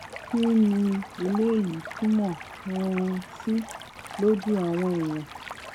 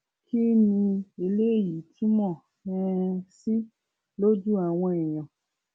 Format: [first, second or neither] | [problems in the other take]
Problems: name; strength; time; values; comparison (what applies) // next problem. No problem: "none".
second | background sound (Stream); 14 dB below the speech